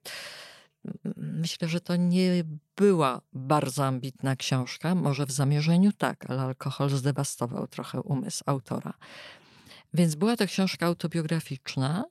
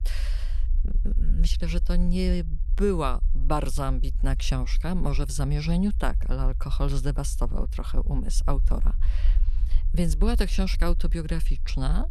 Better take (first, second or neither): first